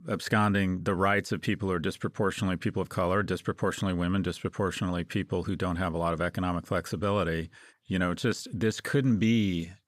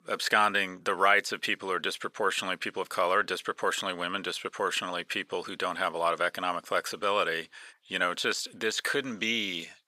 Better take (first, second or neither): first